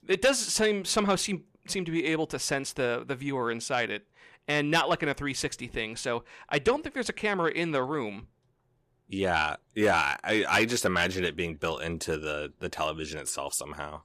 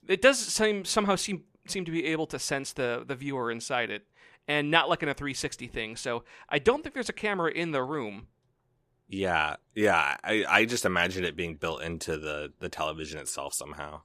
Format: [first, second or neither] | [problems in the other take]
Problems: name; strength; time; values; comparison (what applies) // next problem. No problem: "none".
second | distortion; slight; 10 dB below the speech